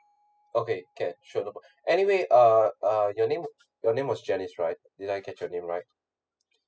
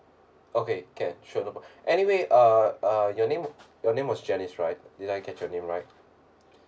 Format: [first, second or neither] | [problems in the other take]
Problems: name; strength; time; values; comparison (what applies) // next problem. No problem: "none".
second | noise reduction (classical method spectral subtraction)